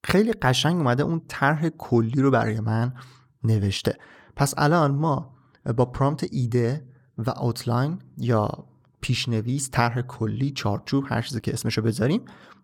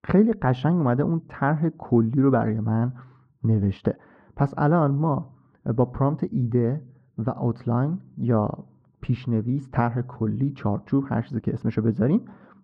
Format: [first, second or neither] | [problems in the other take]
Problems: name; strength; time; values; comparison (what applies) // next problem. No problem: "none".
first | muffled; very; fading above 1 kHz